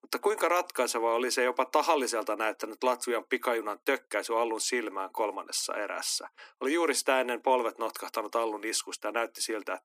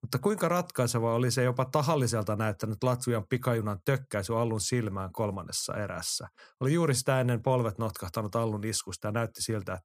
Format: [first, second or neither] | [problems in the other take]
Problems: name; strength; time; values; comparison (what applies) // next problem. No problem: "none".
second | thin; very; fading below 250 Hz